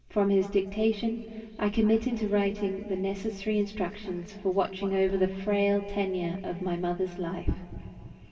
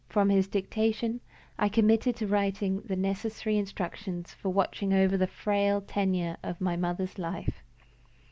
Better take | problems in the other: second | room echo; dies away in 3 s

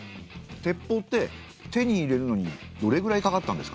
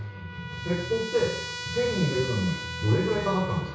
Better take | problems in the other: first | background sound (Trumpet); 9 dB below the speech // room echo; dies away in 0.6 s

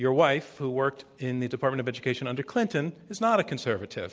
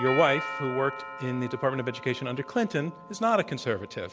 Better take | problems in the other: first | background sound (Doorbell); 10 dB below the speech

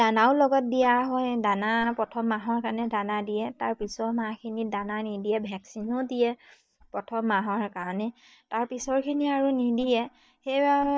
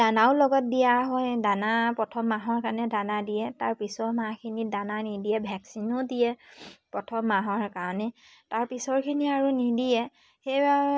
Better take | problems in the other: second | noise reduction (neural mask model DeepFilterNet 3)

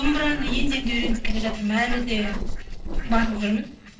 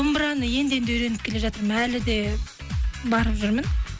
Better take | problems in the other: second | noise reduction (neural separator model SepFormer DNS4)

